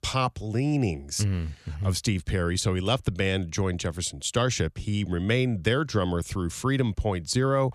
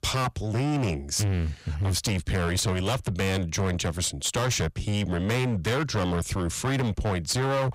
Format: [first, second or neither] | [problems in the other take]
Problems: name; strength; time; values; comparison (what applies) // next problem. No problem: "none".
first | distortion; heavy; 25% of the sound clipped